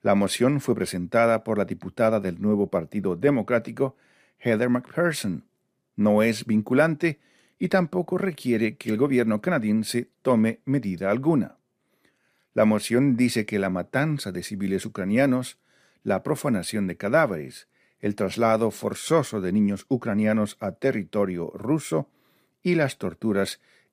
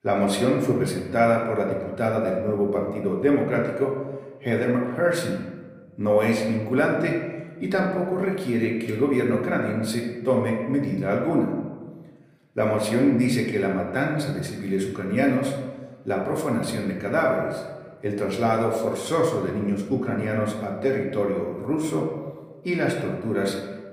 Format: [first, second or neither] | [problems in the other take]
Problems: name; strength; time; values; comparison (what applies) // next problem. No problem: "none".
first | room echo; slight; dies away in 1.1 s // off-mic speech; somewhat distant